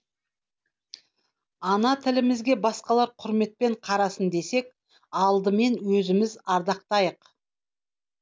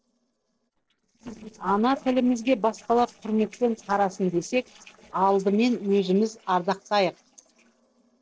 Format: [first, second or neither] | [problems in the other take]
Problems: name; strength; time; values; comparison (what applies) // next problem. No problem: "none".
first | noise reduction (neural separator model SepFormer DNS4)